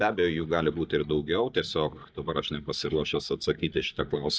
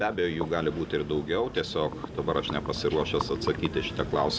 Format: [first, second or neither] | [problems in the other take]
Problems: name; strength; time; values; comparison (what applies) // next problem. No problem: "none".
second | noise reduction (neural mask model DeepFilterNet 3)